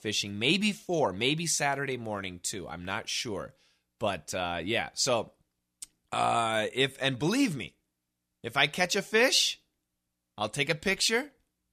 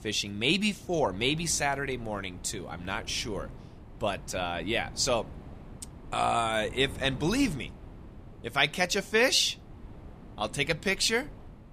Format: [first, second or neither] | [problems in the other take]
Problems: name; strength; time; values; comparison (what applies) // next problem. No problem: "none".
first | wind noise on the microphone; occasional gusts; 25 dB below the speech